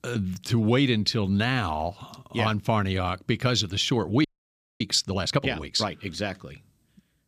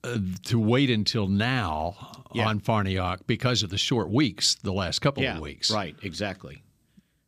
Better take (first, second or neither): second